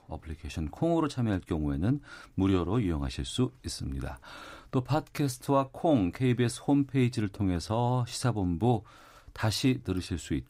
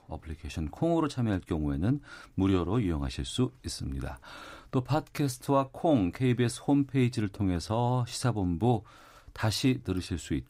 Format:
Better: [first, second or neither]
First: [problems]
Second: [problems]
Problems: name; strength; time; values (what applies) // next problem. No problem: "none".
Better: neither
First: none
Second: none